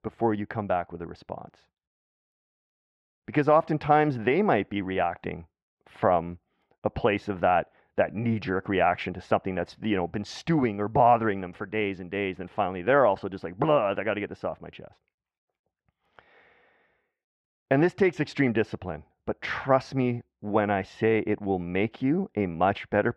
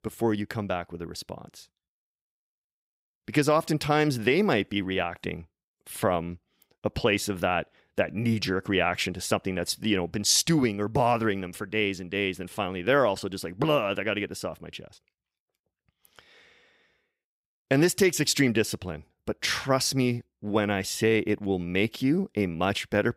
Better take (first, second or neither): second